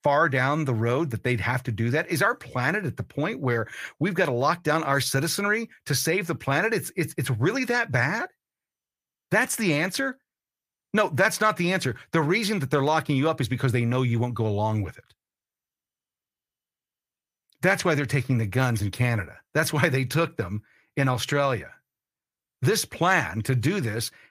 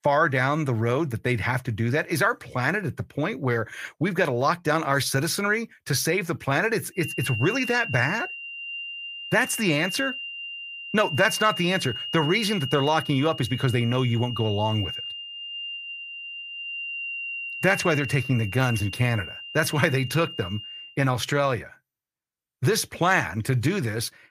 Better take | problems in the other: first | high-pitched whine; loud; from 7 to 21 s; 3 kHz, 8 dB below the speech

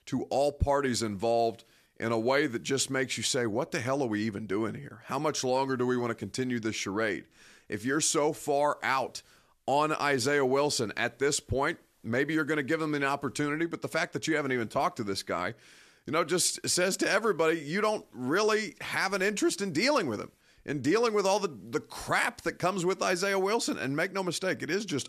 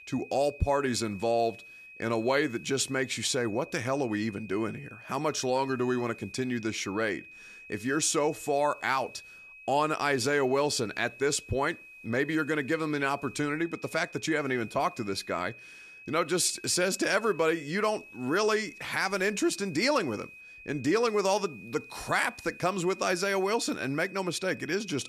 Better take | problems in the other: first | high-pitched whine; noticeable; throughout; 2.5 kHz, 20 dB below the speech

